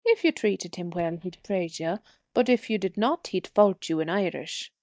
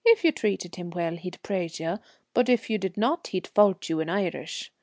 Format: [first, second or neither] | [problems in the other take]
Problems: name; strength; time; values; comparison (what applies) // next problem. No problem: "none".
second | noise reduction (neural mask model DeepFilterNet 3)